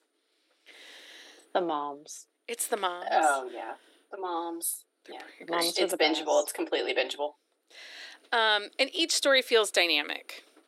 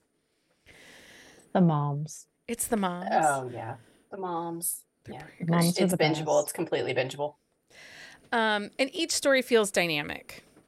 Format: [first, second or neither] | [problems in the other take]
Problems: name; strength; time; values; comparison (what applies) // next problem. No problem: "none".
second | thin; very; fading below 300 Hz